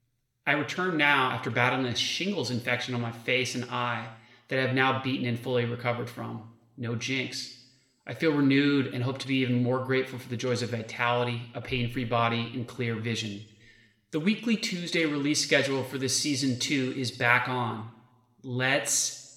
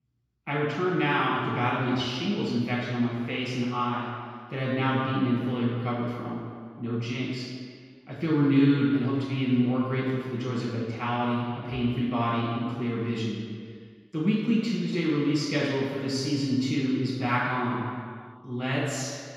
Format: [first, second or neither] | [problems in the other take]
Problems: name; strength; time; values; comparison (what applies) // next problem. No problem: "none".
first | room echo; strong; dies away in 2 s; slight in the first // off-mic speech; far